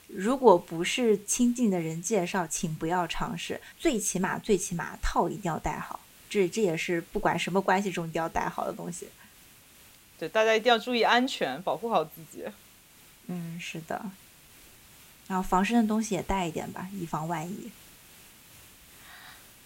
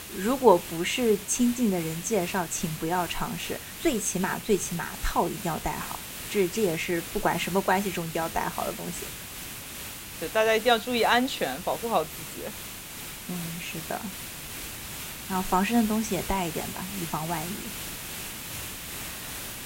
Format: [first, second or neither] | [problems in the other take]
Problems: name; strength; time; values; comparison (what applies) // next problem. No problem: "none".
first | hiss; loud; throughout; 9 dB below the speech; faint in the first